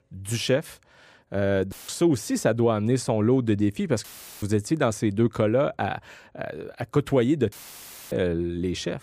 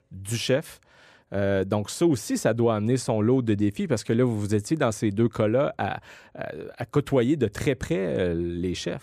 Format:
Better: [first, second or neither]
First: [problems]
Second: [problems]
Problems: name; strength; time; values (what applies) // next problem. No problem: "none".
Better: second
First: audio cutting out; filled with static; at 1.5 s, at 4 s and at 7.5 s for 0.5 s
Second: none